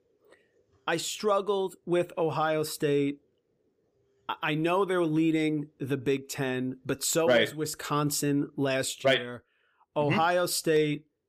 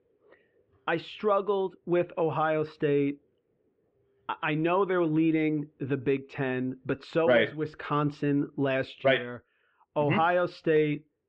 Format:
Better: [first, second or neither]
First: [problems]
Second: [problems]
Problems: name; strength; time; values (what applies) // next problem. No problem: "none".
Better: first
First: none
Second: muffled; very; fading above 3 kHz